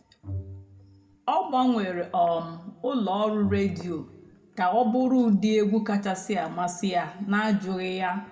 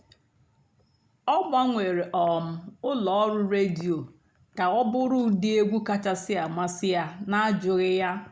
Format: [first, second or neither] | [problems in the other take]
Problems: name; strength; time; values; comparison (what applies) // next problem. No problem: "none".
second | background sound (Bowed string instrument); 17 dB below the speech // room echo; dies away in 0.6 s